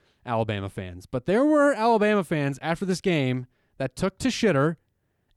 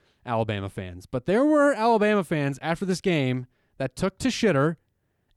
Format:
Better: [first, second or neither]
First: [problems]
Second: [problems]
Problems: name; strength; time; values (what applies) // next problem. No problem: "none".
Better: neither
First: none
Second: none